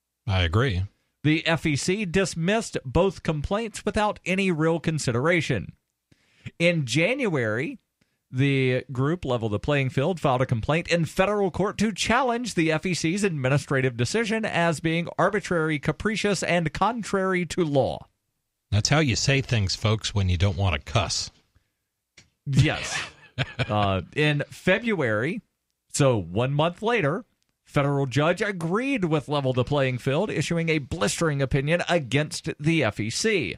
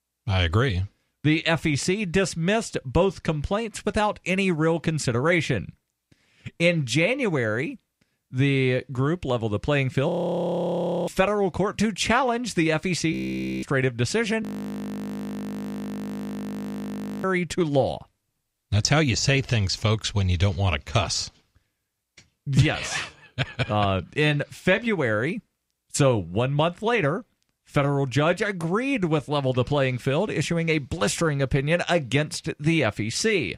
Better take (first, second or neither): first